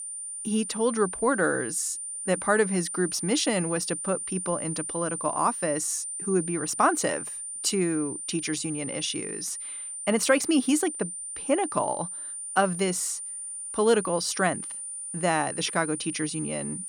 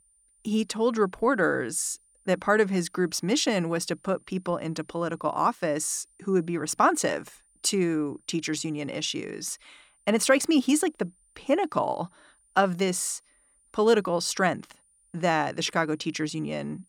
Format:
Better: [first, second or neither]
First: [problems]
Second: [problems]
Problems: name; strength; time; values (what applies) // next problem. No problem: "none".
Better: second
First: high-pitched whine; loud; throughout; 9 kHz, 5 dB below the speech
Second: high-pitched whine; faint; throughout; 9 kHz, 35 dB below the speech